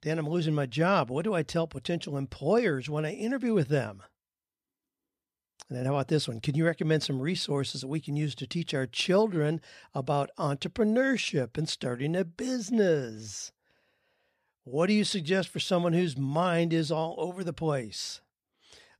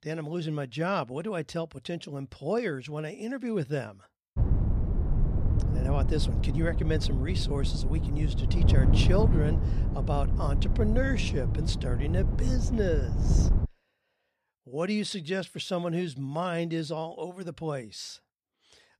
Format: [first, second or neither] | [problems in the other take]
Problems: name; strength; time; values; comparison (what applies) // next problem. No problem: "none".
first | wind noise on the microphone; heavy; from 4.5 to 14 s; 6 dB below the speech